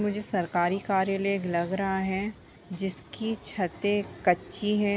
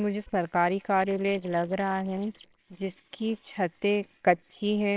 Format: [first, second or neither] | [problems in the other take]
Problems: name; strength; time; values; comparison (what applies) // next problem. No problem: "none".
first | noise reduction (neural separator model SepFormer WHAMR!)